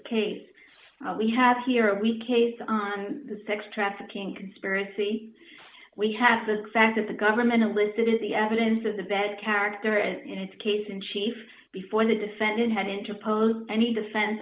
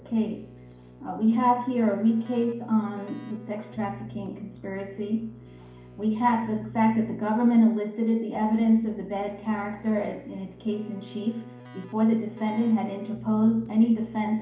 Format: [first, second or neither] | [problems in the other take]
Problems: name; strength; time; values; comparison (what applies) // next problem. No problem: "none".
first | background sound (Keyboard (musical)); 19 dB below the speech // room echo; dies away in 0.5 s